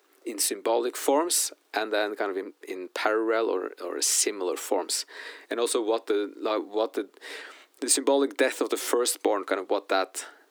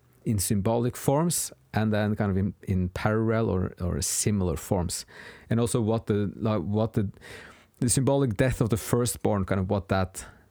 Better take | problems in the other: second | thin; very; fading below 300 Hz

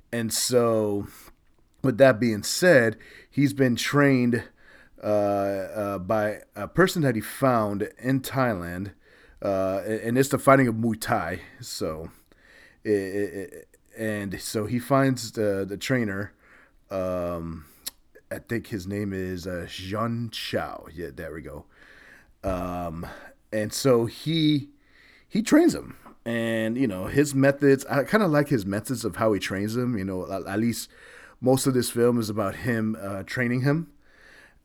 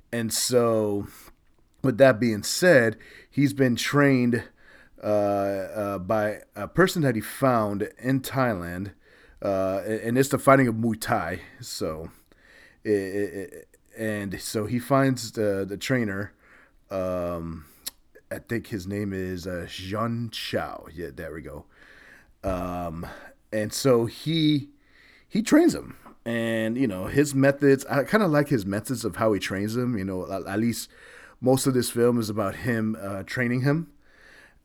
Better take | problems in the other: neither | none

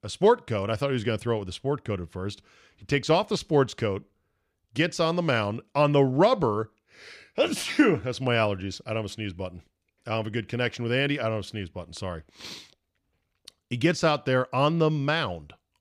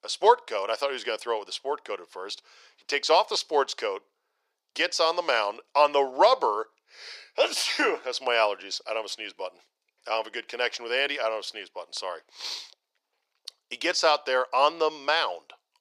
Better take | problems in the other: first | thin; very; fading below 450 Hz

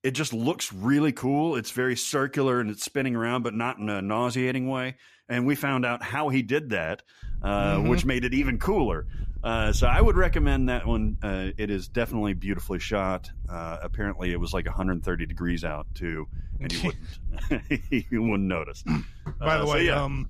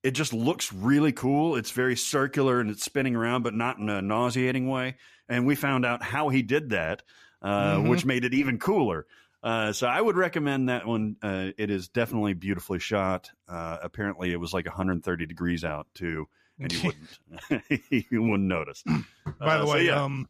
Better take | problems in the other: second | wind noise on the microphone; occasional gusts; from 7 s on; 25 dB below the speech

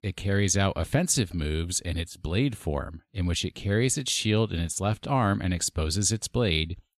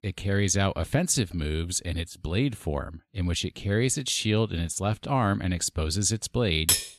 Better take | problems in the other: first | clattering dishes; very faint; at 6.5 s; peak 3 dB above the speech

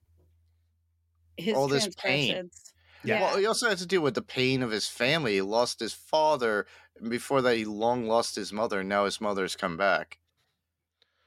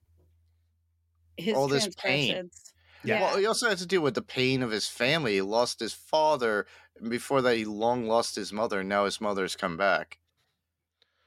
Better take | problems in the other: neither | none

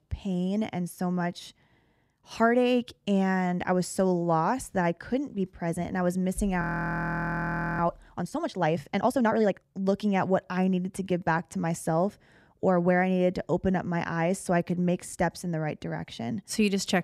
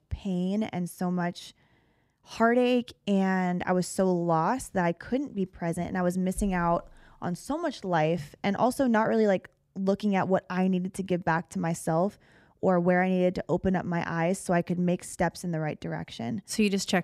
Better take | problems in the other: second | audio freezing; at 6.5 s for 1 s

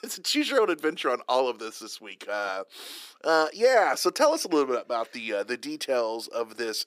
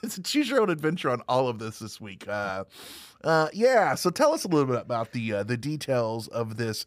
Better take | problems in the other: second | thin; somewhat; fading below 350 Hz

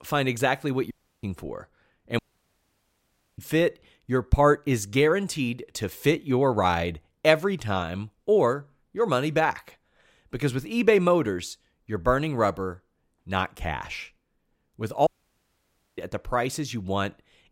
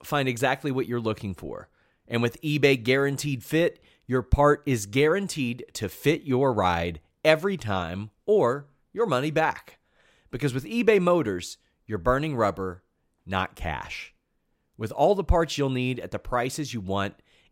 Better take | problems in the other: second | audio cutting out; at 1 s, at 2 s for 1 s and at 15 s for 1 s

